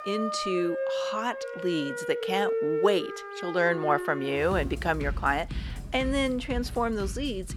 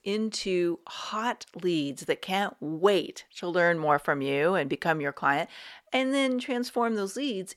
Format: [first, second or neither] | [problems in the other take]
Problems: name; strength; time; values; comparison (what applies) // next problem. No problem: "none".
second | background music; loud; throughout; 5 dB below the speech